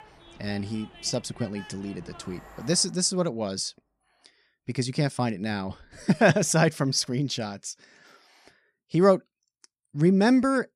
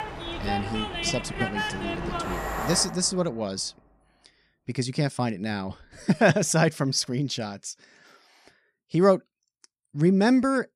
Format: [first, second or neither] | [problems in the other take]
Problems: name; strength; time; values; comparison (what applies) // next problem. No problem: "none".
first | train or aircraft noise; loud; until 3 s; 6 dB below the speech; faint in the first